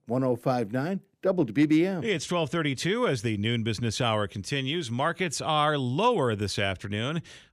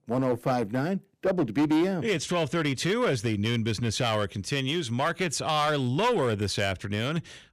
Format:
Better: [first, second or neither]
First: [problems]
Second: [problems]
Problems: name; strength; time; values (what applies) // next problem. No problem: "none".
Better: first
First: none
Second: distortion; slight; 7% of the sound clipped